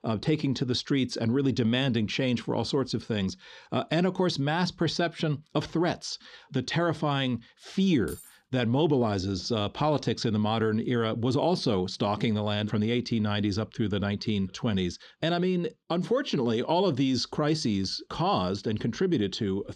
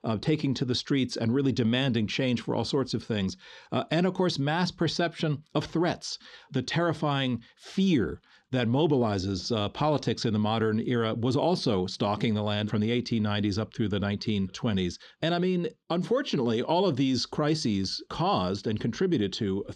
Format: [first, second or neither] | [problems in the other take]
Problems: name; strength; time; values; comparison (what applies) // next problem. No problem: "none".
second | jangling keys; faint; at 8 s; peak 20 dB below the speech